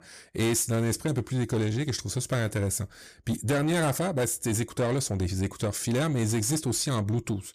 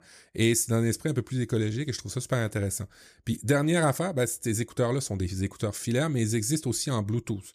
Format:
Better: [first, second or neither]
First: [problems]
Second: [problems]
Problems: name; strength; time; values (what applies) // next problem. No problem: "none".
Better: second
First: distortion; slight; 10 dB below the speech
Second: none